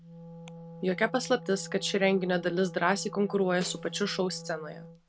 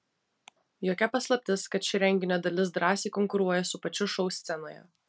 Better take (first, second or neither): second